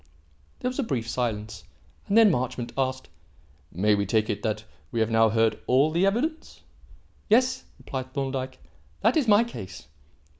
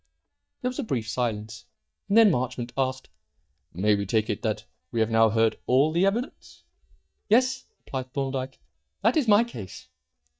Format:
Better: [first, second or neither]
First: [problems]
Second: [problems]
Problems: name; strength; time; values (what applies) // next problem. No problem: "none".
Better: first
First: none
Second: noise reduction (neural mask model DeepFilterNet 3)